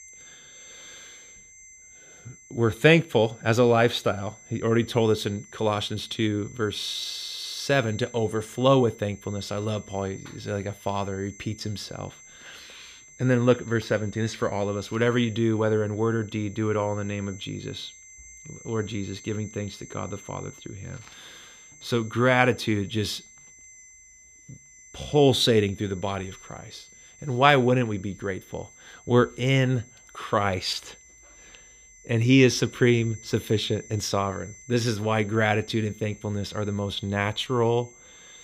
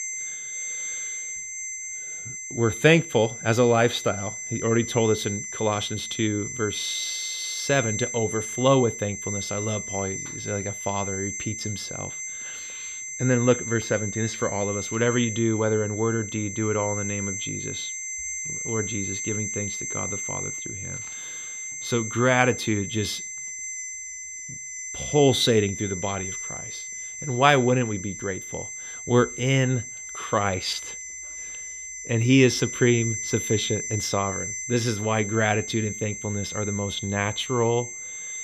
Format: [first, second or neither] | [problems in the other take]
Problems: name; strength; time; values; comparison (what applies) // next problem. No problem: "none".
first | high-pitched whine; loud; throughout; 6 kHz, 6 dB below the speech; faint in the first